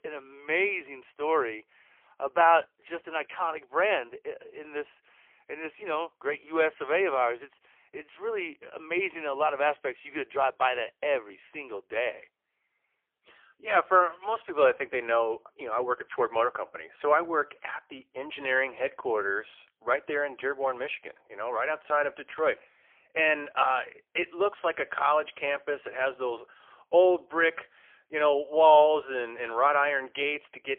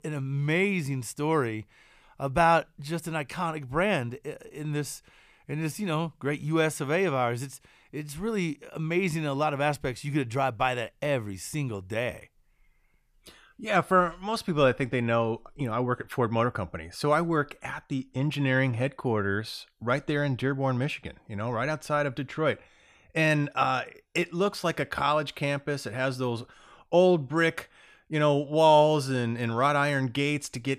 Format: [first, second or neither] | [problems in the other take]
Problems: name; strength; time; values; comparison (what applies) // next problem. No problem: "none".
second | phone-call audio; poor line